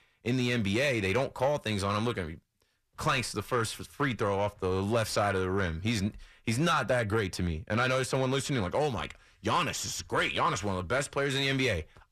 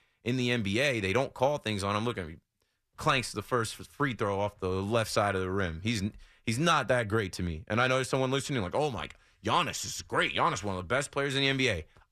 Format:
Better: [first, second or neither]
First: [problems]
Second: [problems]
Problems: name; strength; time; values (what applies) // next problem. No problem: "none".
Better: second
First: distortion; slight; 10 dB below the speech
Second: none